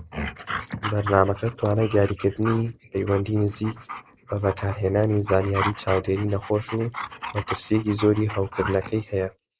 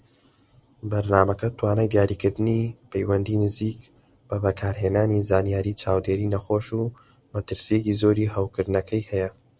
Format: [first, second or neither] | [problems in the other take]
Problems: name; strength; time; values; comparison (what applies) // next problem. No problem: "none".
second | noise reduction (neural mask model Resemble Enhance denoiser)